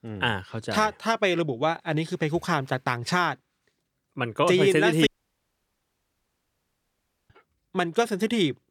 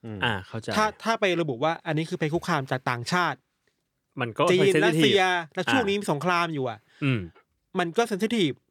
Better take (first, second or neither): second